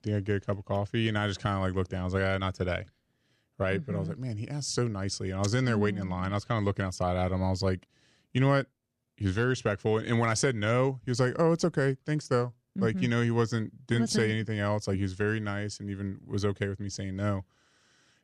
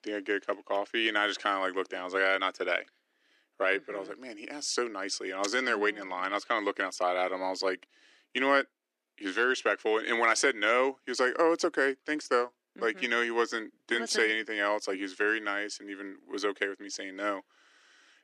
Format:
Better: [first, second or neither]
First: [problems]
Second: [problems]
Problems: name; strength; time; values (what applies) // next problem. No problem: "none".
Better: first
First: none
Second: thin; very; fading below 300 Hz